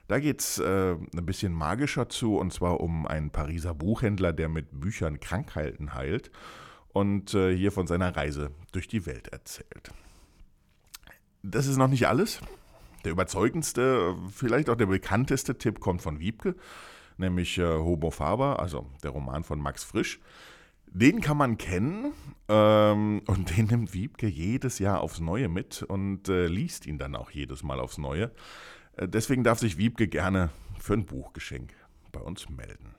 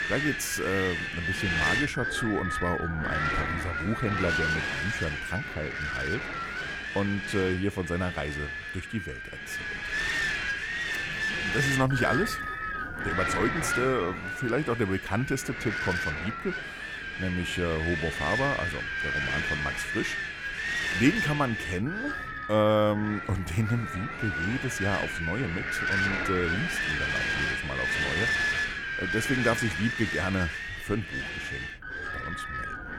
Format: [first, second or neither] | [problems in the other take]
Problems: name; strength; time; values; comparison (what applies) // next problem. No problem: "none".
first | wind noise on the microphone; heavy; 4 dB above the speech